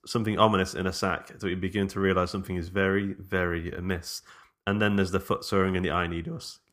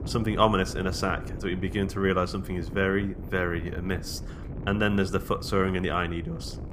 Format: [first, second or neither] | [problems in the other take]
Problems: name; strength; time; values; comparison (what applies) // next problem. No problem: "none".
first | wind noise on the microphone; occasional gusts; 15 dB below the speech